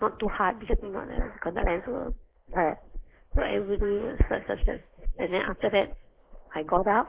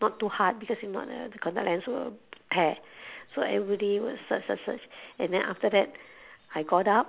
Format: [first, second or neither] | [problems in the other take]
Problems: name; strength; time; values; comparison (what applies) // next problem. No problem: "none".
second | noise reduction (neural mask model Resemble Enhance denoiser)